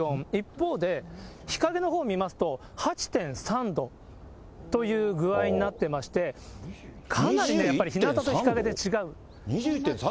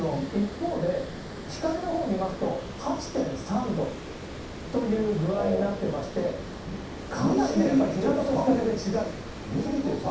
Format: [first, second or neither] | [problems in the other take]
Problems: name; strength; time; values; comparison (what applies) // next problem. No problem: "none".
first | background sound (Water); 10 dB below the speech // room echo; dies away in 0.7 s